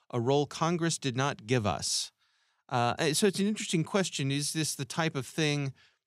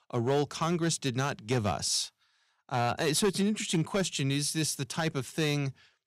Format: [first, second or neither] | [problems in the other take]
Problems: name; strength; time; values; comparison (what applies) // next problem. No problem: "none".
first | distortion; slight; 4% of the sound clipped